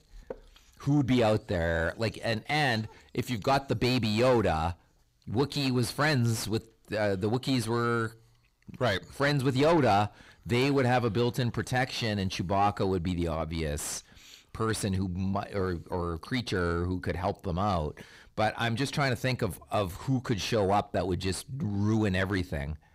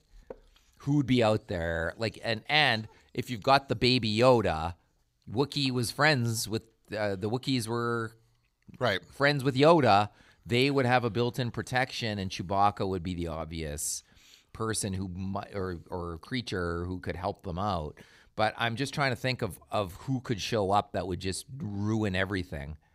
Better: second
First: distortion; heavy; 8 dB below the speech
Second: none

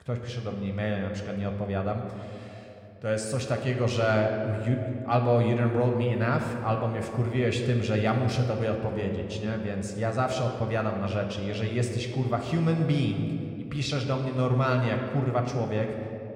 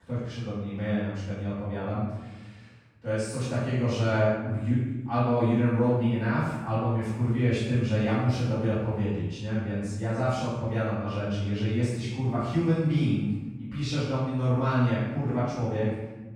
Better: first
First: room echo; slight; dies away in 1.9 s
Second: room echo; strong; dies away in 1 s // off-mic speech; far

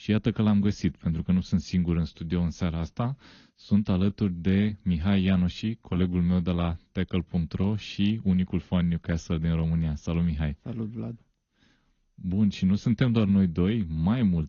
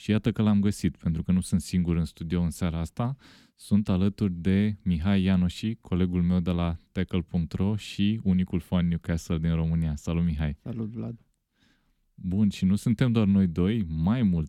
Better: second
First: garbled, watery; slightly; nothing above 6.5 kHz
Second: none

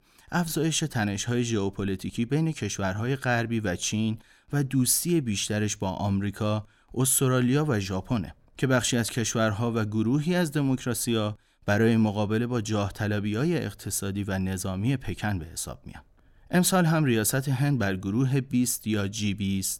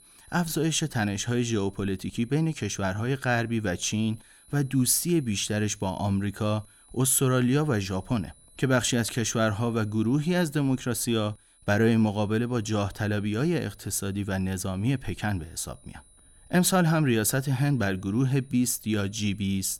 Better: first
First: none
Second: high-pitched whine; faint; throughout; 10 kHz, 30 dB below the speech

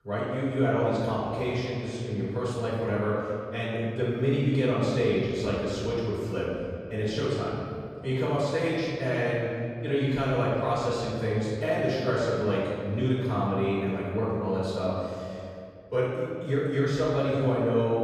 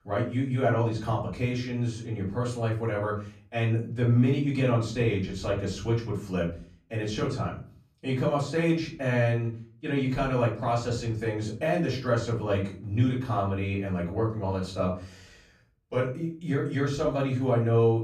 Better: second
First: room echo; strong; dies away in 2.3 s // off-mic speech; far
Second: room echo; slight; dies away in 0.4 s // off-mic speech; far

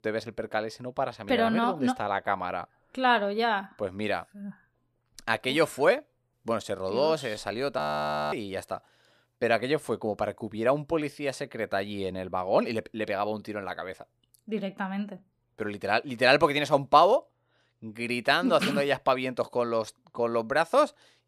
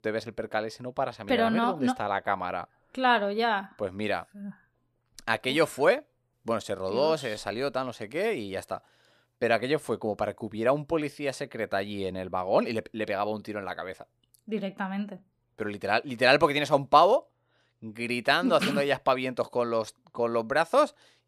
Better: second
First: audio freezing; at 8 s for 0.5 s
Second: none

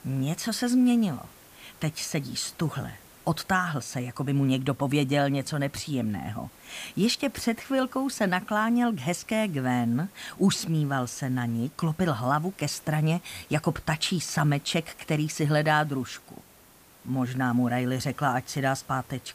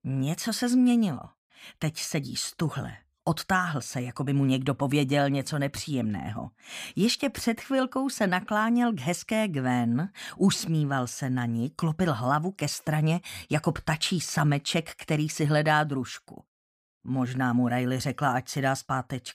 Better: second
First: hiss; faint; throughout; 25 dB below the speech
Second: none

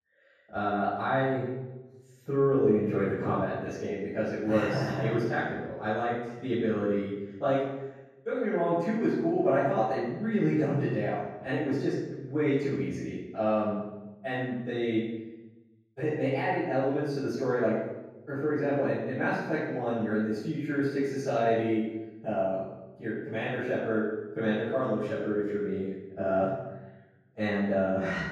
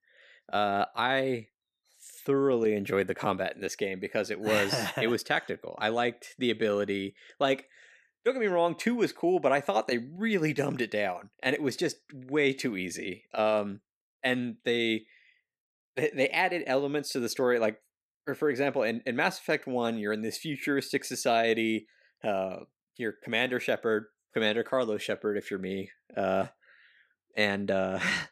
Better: second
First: room echo; strong; dies away in 1.3 s // off-mic speech; far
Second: none

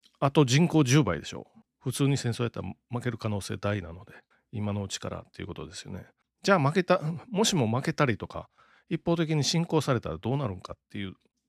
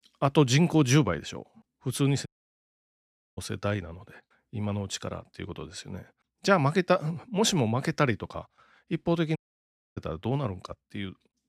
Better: first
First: none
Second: audio cutting out; at 2.5 s for 1 s and at 9.5 s for 0.5 s

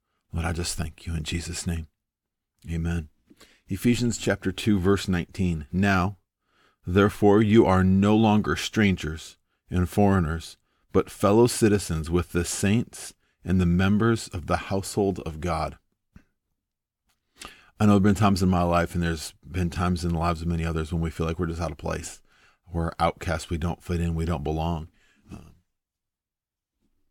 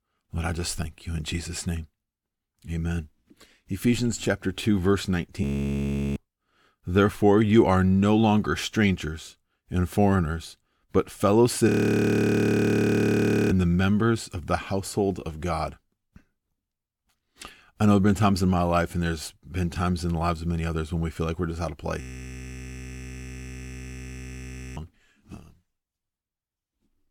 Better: first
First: none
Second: audio freezing; at 5.5 s for 0.5 s, at 12 s for 2 s and at 22 s for 3 s

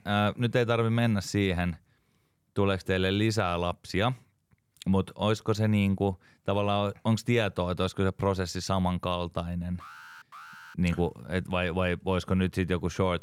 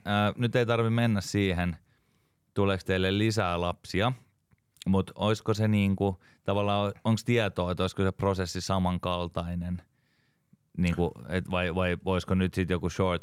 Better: second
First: alarm; faint; at 10 s; peak 15 dB below the speech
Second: none

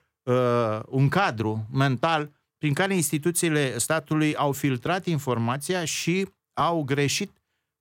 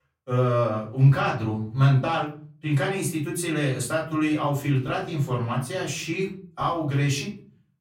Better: first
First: none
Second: off-mic speech; far // room echo; slight; dies away in 0.5 s

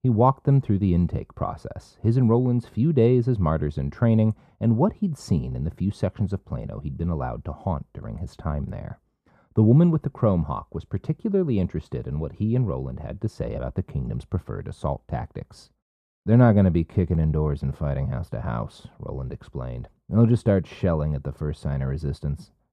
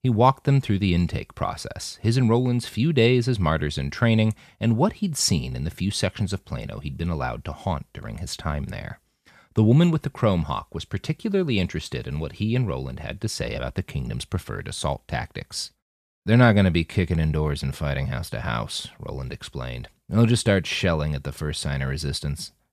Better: second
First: muffled; very; fading above 1.5 kHz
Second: none

